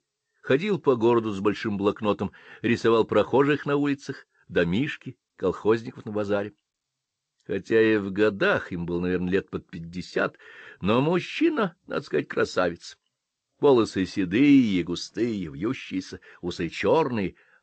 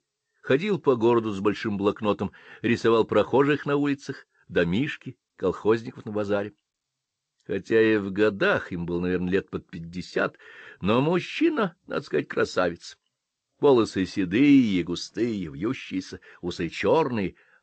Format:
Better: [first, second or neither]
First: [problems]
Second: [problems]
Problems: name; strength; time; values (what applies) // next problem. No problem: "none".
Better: neither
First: garbled, watery; slightly; nothing above 8 kHz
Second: garbled, watery; slightly; nothing above 8 kHz